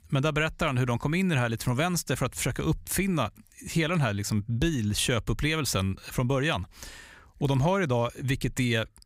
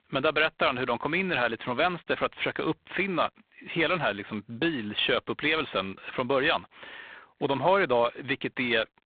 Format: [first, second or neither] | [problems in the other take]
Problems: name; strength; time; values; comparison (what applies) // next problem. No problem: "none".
first | phone-call audio; poor line; nothing above 3.5 kHz